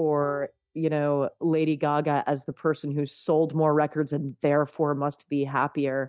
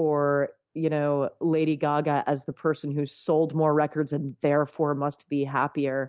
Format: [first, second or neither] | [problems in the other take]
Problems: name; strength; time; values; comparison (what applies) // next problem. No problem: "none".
second | noise reduction (neural mask model DeepFilterNet 3)